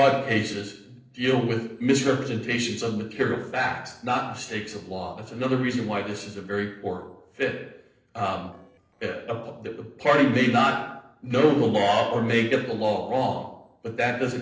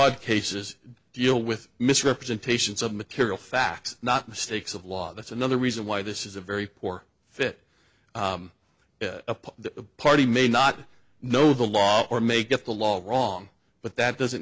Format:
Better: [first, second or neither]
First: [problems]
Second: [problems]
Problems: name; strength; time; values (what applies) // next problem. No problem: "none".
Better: second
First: noise reduction (neural separator model SepFormer DNS4)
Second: none